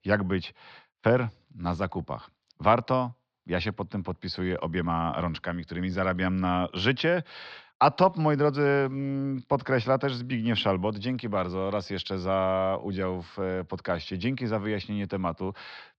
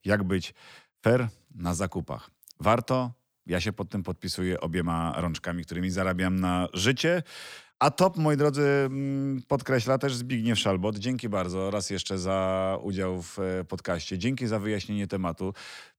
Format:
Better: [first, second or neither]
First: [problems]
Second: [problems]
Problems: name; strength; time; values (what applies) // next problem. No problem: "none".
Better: second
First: muffled; very slightly; fading above 4.5 kHz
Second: none